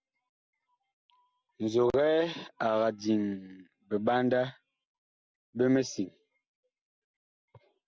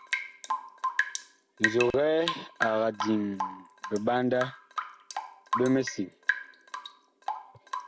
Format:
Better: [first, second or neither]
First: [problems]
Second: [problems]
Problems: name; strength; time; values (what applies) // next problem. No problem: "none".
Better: first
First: none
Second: background sound (Drip / Rain); 4 dB below the speech